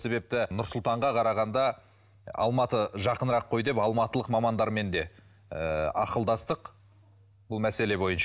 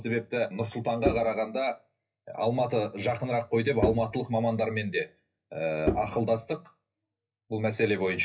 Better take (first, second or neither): first